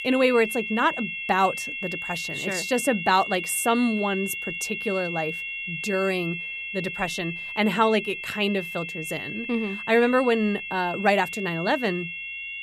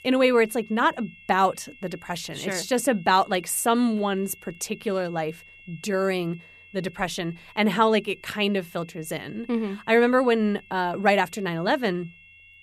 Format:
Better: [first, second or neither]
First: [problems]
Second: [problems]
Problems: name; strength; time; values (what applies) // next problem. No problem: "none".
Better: second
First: high-pitched whine; loud; throughout; 2.5 kHz, 6 dB below the speech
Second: high-pitched whine; faint; throughout; 2.5 kHz, 25 dB below the speech